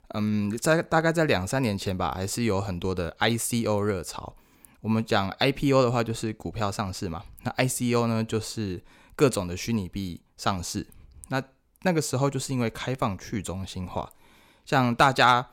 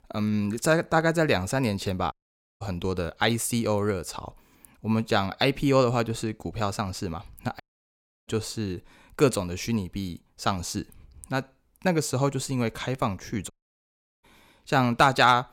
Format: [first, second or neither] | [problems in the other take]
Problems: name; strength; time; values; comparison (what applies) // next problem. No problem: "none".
first | audio cutting out; at 2 s, at 7.5 s for 0.5 s and at 14 s for 0.5 s